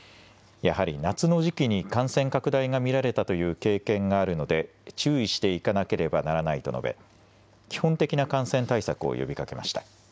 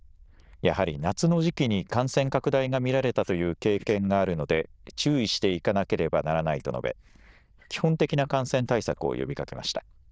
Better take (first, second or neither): first